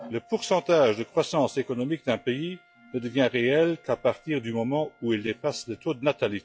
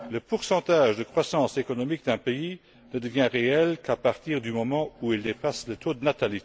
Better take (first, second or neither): second